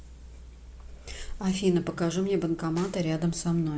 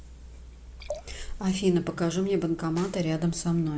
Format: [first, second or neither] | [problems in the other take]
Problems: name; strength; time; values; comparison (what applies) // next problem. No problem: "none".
first | background sound (Liquid); 17 dB below the speech